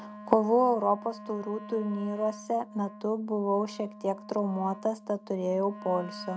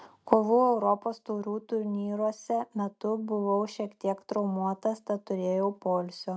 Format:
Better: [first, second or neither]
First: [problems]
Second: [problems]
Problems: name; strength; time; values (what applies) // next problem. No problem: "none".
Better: second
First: background sound (Wind instrument, woodwind instrument); 15 dB below the speech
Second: none